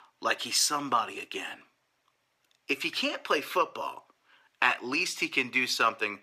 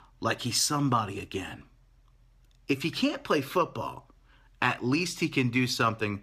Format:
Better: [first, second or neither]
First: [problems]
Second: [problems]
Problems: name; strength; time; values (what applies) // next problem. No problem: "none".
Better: second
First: thin; somewhat; fading below 450 Hz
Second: none